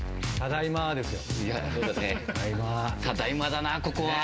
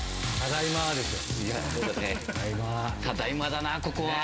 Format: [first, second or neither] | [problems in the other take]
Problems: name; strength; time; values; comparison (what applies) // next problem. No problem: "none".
first | background sound (Toilet flush / Water); 8 dB below the speech